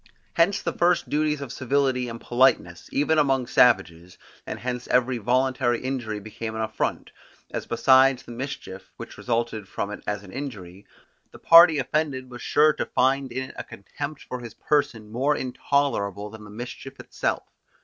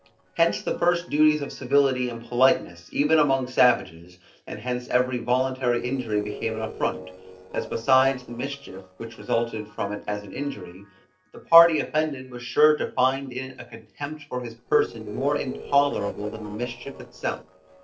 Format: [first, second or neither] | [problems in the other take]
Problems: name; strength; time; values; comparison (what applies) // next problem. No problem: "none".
first | noise reduction (neural separator model SepFormer DNS4)